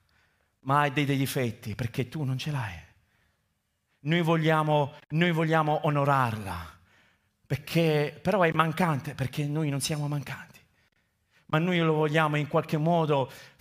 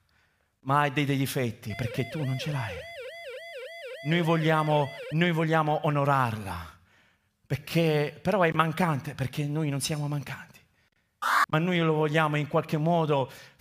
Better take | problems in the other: first | siren; faint; from 1.5 to 5 s; peak 10 dB below the speech // alarm; loud; at 11 s; peak 2 dB above the speech

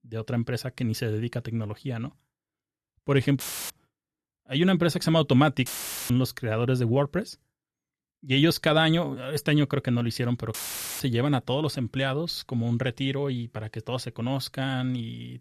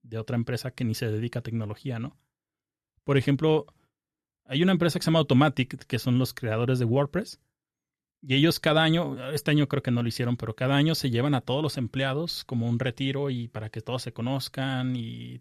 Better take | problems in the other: second | audio cutting out; filled with static; at 3.5 s, at 5.5 s and at 11 s

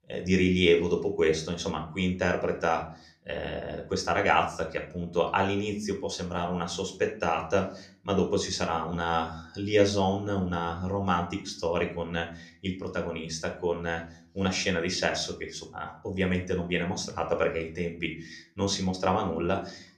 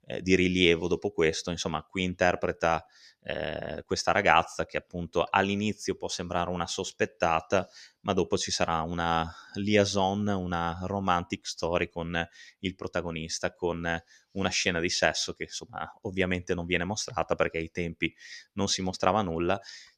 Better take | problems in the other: second | room echo; slight; dies away in 0.4 s

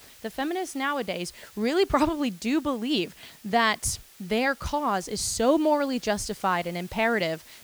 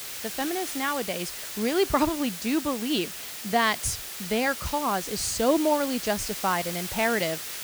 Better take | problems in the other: first | hiss; loud; throughout; 6 dB below the speech; faint in the first

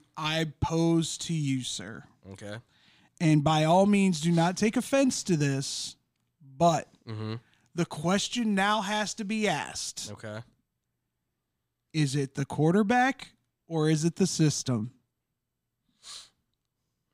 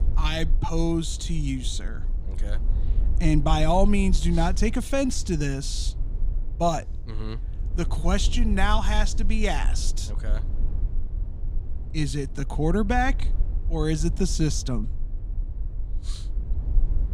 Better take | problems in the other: first | low rumble; faint; throughout; 20 dB below the speech

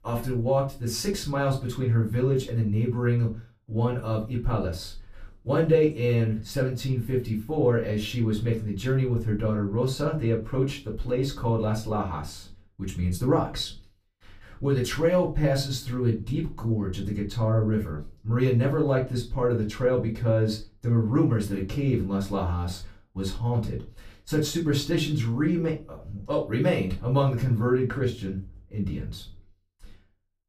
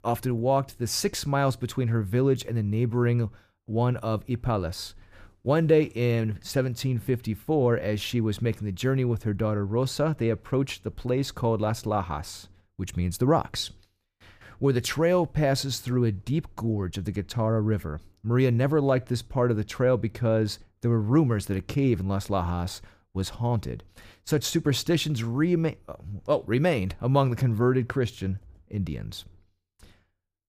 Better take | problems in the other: second | off-mic speech; far // room echo; very slight; dies away in 0.2 s

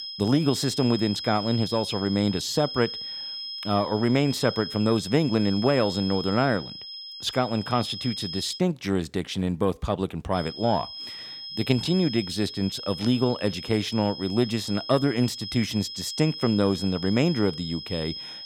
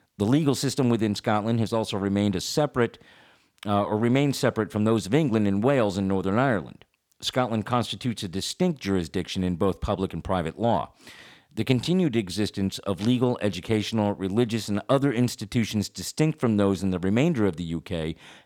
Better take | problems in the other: second | high-pitched whine; loud; until 8.5 s and from 10 s on; 5 kHz, 9 dB below the speech

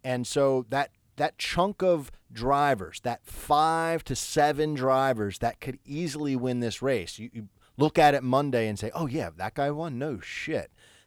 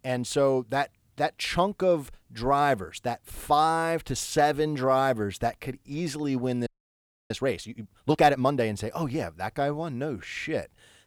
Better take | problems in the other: first | audio freezing; at 6.5 s for 0.5 s

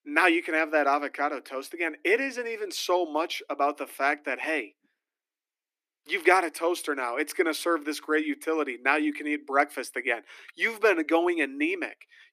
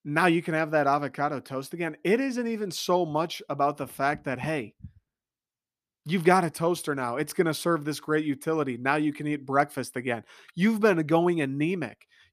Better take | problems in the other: second | thin; somewhat; fading below 300 Hz

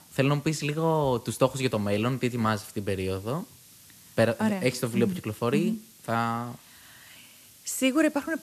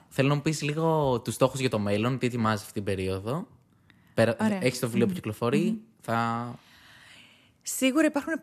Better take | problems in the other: second | hiss; faint; throughout; 25 dB below the speech

